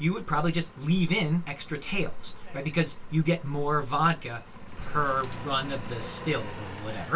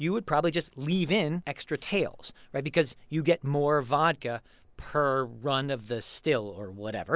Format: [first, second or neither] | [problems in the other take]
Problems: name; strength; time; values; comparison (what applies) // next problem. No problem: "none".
second | background sound (Engine); 16 dB below the speech // room echo; dies away in 0.1 s